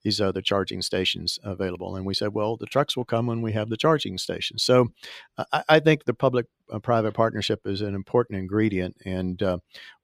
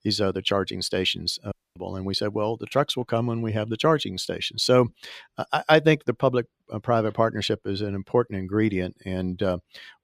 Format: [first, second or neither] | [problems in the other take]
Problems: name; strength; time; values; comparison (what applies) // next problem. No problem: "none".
first | audio cutting out; at 1.5 s